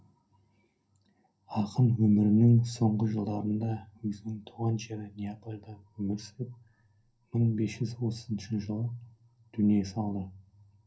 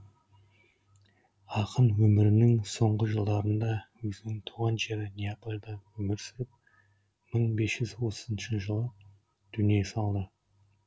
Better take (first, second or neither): second